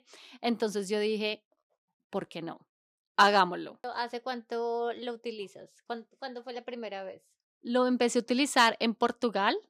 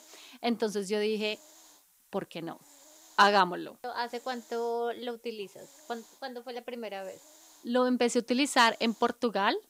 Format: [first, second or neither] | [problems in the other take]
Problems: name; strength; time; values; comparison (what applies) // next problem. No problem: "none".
first | hiss; faint; throughout; 25 dB below the speech